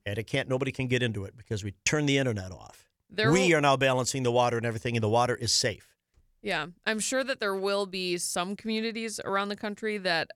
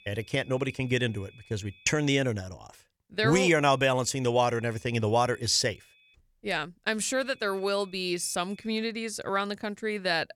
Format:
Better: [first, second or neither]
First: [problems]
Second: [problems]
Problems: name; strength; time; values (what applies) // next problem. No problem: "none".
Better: first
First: none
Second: high-pitched whine; faint; until 2 s, from 3.5 to 6 s and from 7 to 8.5 s; 2.5 kHz, 30 dB below the speech